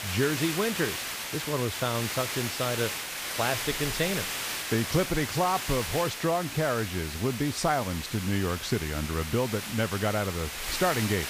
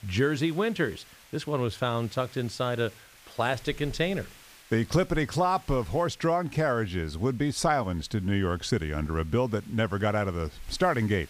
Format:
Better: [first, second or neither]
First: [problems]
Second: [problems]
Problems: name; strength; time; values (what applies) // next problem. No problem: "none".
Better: second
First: hiss; loud; throughout; 3 dB below the speech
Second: hiss; faint; throughout; 25 dB below the speech